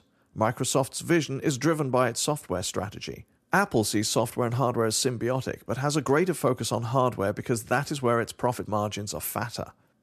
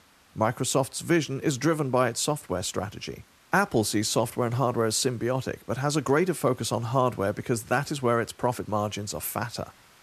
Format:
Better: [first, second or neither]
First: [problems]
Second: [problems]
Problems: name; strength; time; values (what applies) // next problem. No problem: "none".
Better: first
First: none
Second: hiss; faint; throughout; 30 dB below the speech